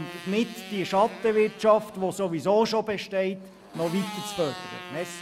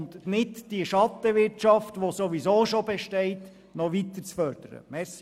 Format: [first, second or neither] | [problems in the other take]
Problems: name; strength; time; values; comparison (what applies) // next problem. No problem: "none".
second | background sound (Motorcycle); 15 dB below the speech